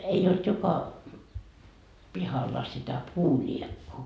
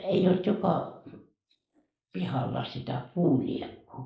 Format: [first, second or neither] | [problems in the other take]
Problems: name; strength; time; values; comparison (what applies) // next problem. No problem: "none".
first | noise reduction (neural mask model Resemble Enhance denoiser)